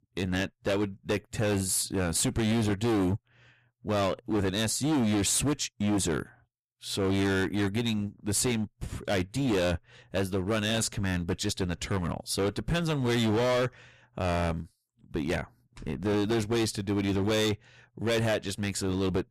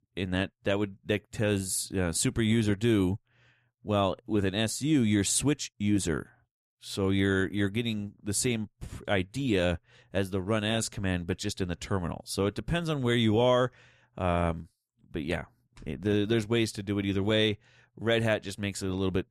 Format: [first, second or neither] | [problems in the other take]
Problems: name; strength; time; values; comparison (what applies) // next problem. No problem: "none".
second | distortion; heavy; 16% of the sound clipped